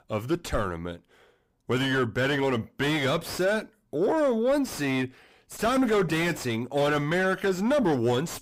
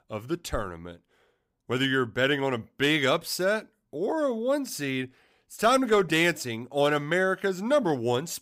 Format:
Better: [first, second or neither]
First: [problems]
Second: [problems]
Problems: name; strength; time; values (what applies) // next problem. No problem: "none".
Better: second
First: distortion; heavy; 6 dB below the speech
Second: none